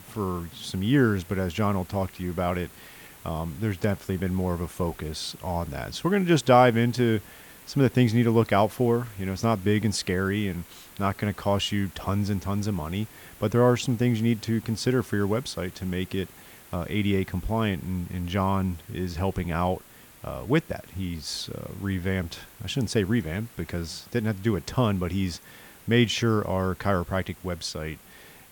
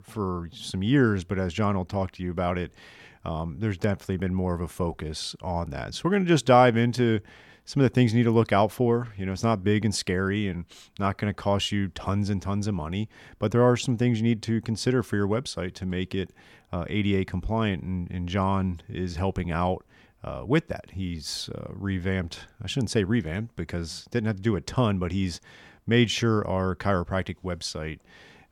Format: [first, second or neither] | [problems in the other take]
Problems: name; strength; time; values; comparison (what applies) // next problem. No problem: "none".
second | hiss; faint; throughout; 20 dB below the speech